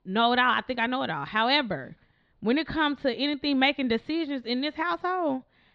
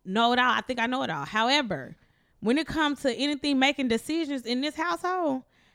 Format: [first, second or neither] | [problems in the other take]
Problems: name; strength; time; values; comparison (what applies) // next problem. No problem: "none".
second | muffled; very slightly; fading above 4 kHz